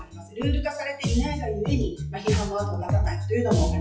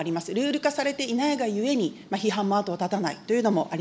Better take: second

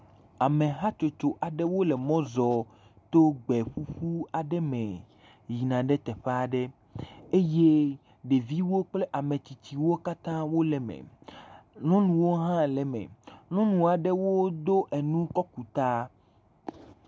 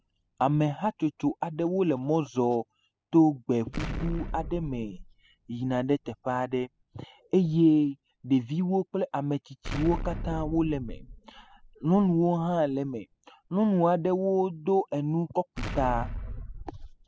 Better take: first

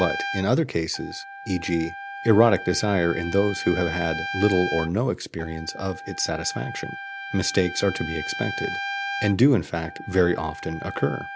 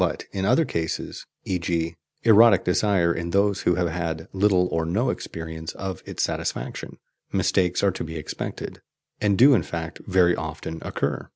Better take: second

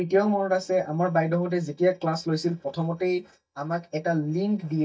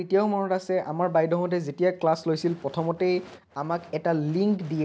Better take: second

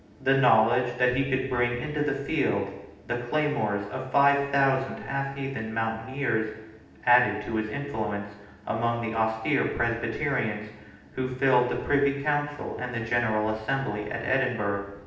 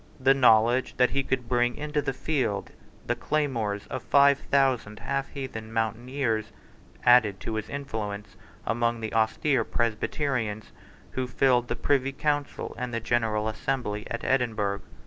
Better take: second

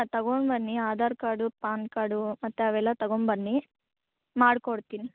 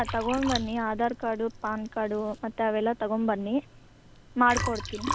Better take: first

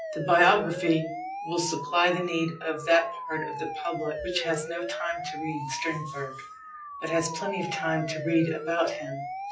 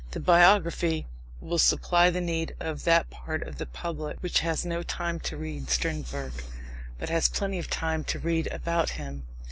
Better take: second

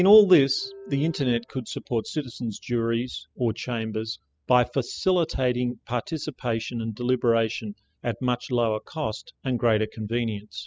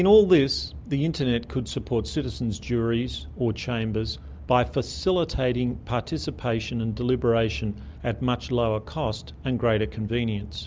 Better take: second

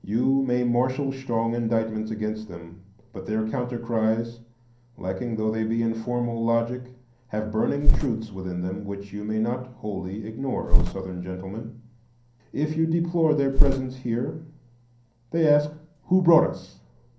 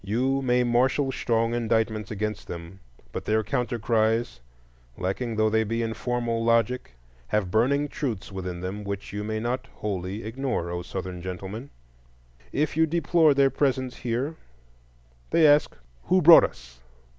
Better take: second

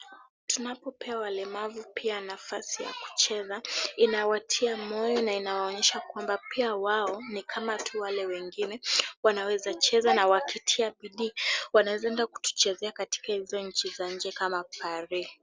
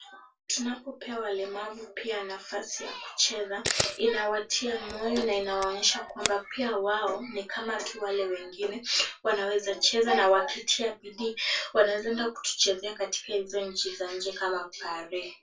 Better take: first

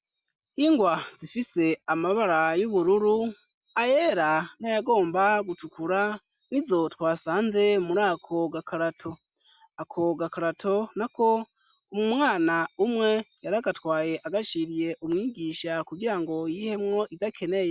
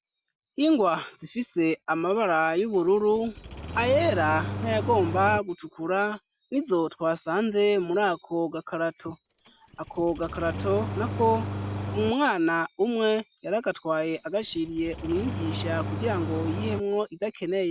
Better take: first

